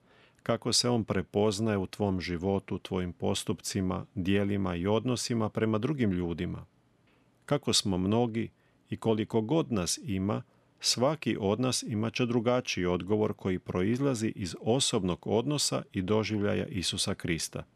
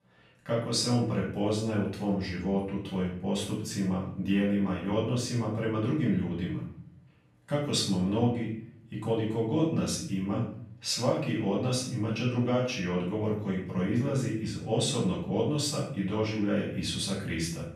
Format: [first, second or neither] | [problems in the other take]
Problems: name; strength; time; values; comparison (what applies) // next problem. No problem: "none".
first | off-mic speech; far // room echo; noticeable; dies away in 0.6 s